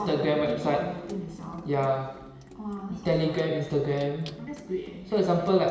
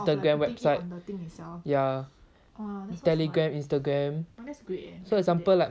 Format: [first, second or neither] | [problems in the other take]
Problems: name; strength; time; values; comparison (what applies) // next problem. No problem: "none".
second | background sound (Sink (filling or washing) / Water tap, faucet); 18 dB below the speech // room echo; dies away in 1 s